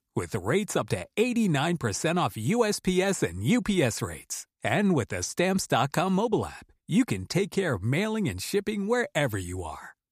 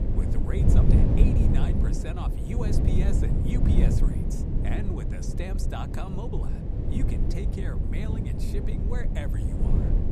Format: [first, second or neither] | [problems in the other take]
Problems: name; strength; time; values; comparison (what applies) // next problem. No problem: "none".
first | wind noise on the microphone; heavy; 3 dB above the speech